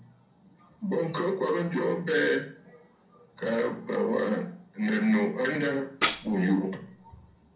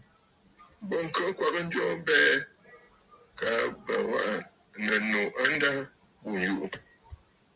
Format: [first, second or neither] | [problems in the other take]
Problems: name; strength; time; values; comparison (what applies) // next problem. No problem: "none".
second | background sound (Tambourine); 5 dB below the speech // room echo; dies away in 0.6 s